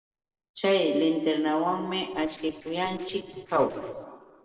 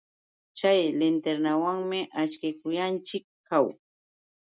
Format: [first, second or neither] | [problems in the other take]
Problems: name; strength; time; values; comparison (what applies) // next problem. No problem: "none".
second | noise reduction (neural separator model SepFormer DNS4)